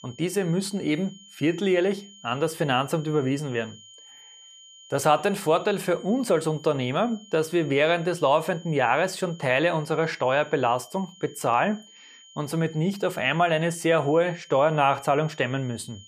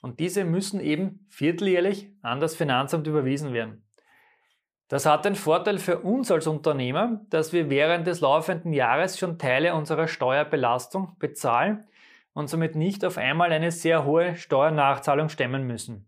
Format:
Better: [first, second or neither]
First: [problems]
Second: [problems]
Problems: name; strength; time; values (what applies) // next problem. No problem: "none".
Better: second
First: high-pitched whine; faint; throughout; 3 kHz, 25 dB below the speech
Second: none